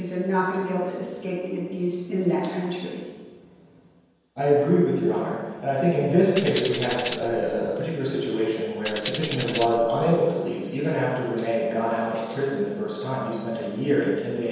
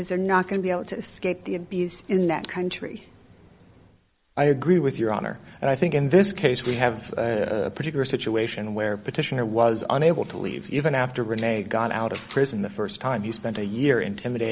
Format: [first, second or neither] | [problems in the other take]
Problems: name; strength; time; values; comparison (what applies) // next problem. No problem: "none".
second | background sound (Tambourine); 10 dB below the speech // room echo; dies away in 1.2 s